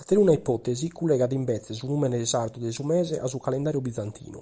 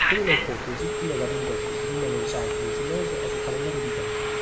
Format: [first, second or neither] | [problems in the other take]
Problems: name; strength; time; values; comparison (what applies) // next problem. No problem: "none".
first | background sound (Telephone); 5 dB above the speech // room echo; dies away in 2.2 s